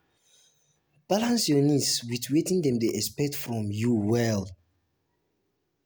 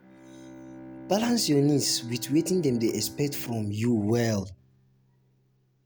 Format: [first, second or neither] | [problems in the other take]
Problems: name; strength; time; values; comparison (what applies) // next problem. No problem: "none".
first | background sound (Bowed string instrument); 17 dB below the speech